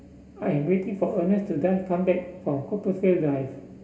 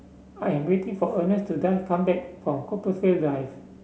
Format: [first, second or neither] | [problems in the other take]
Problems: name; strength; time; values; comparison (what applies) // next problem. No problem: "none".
second | room echo; dies away in 1 s